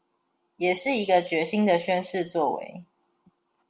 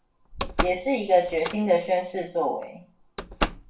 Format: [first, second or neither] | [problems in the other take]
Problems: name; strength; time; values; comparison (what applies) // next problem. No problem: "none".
first | background sound (Slam); 7 dB below the speech // room echo; dies away in 0.3 s